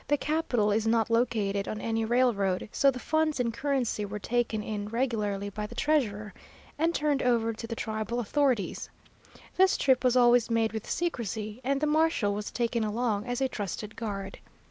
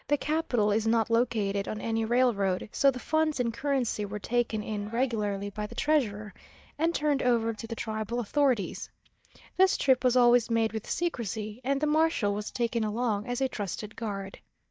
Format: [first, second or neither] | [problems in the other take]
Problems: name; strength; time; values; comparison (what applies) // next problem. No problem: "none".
first | noise reduction (neural mask model DeepFilterNet 3)